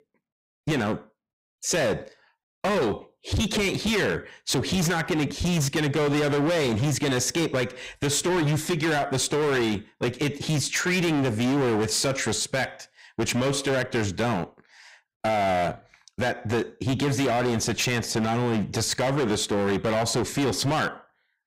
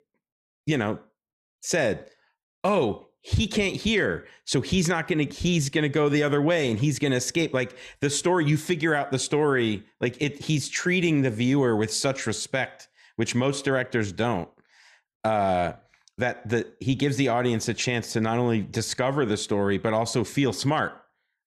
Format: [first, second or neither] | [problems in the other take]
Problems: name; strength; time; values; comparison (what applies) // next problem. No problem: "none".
second | distortion; heavy; 24% of the sound clipped